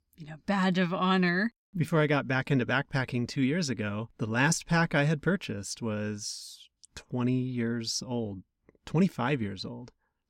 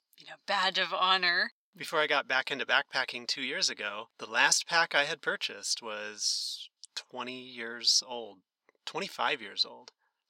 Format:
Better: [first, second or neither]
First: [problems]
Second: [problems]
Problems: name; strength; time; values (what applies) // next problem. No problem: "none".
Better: first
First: none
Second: thin; very; fading below 750 Hz